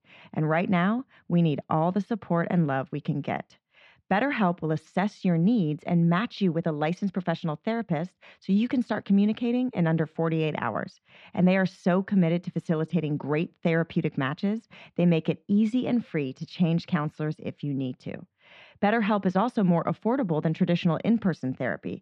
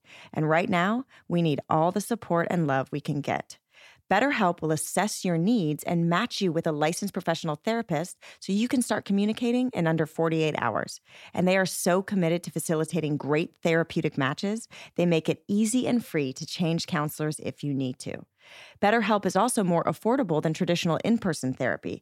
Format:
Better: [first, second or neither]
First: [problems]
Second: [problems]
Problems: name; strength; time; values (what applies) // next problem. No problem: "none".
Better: second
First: muffled; slightly; fading above 3.5 kHz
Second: none